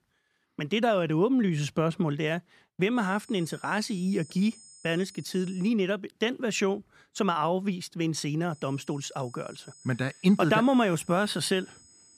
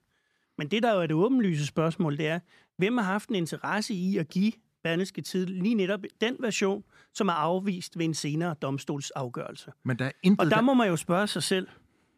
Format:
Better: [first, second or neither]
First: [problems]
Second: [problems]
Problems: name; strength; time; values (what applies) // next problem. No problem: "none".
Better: second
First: high-pitched whine; faint; from 3 to 5.5 s and from 8.5 s on; 8 kHz, 25 dB below the speech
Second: none